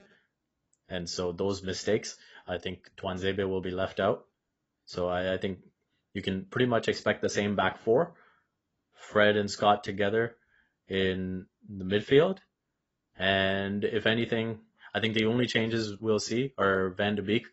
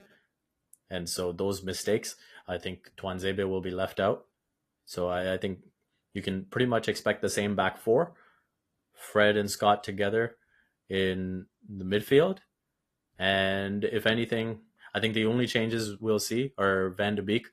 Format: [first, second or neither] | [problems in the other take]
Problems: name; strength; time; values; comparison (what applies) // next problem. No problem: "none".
second | garbled, watery; badly; nothing above 7.5 kHz; slightly in the second